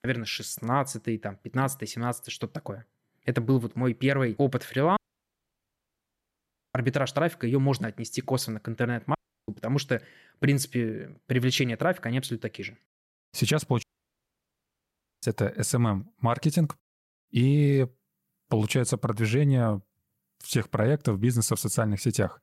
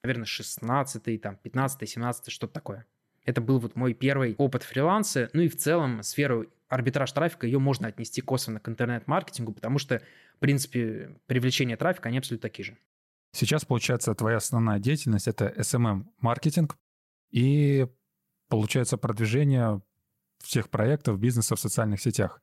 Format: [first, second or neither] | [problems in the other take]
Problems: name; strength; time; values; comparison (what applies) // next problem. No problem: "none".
second | audio cutting out; at 5 s for 2 s, at 9 s and at 14 s for 1.5 s